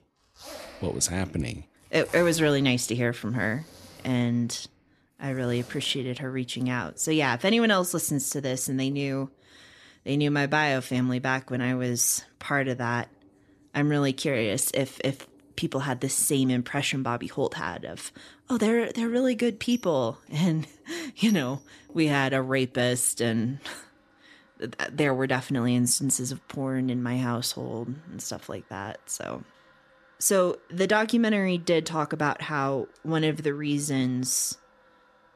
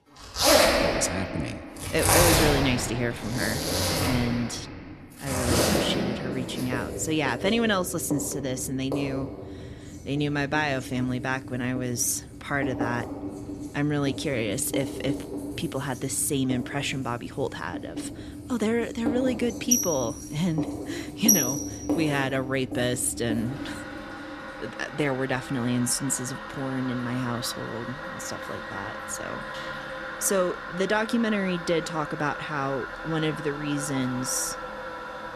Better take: first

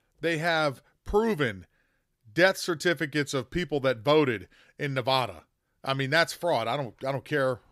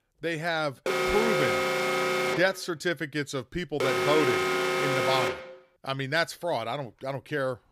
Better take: first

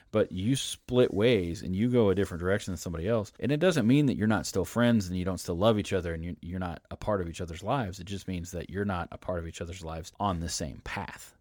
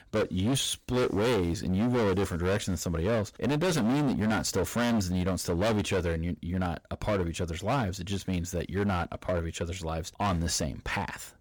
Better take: first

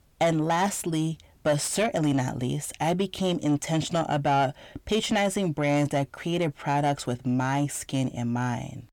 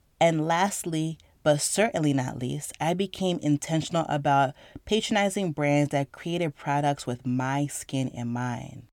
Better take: second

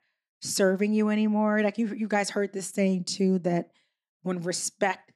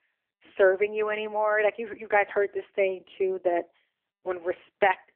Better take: first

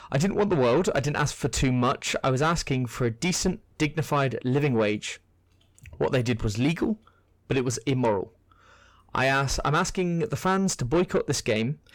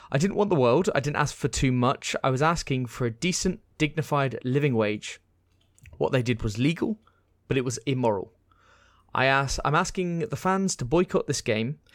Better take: second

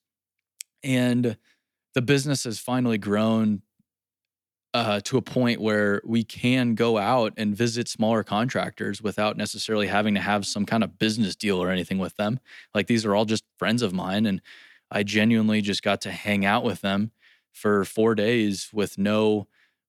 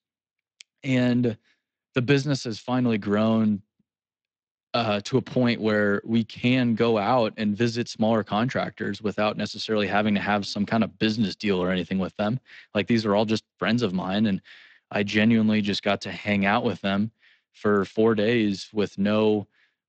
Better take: first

